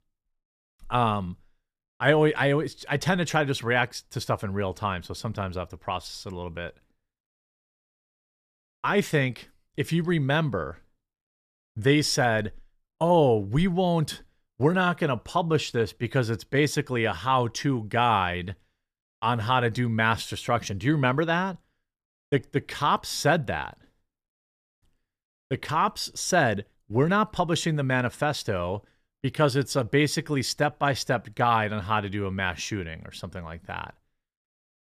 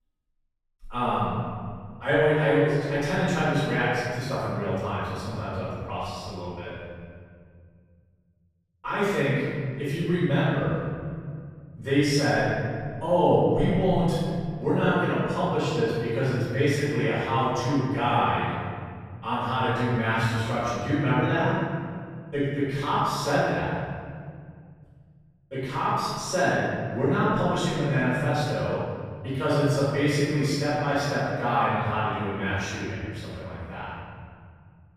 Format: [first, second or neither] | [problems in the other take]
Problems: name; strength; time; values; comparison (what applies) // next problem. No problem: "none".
first | off-mic speech; far // room echo; strong; dies away in 2.3 s